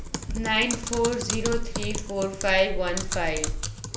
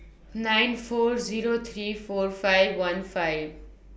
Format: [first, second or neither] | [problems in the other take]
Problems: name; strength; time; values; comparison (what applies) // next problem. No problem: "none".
second | background sound (Typing); 2 dB below the speech